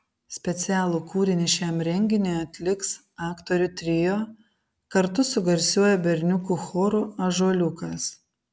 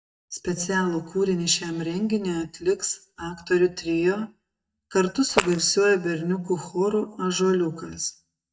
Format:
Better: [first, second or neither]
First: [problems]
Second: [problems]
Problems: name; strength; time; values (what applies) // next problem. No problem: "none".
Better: first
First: none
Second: noise reduction (neural mask model DeepFilterNet 3)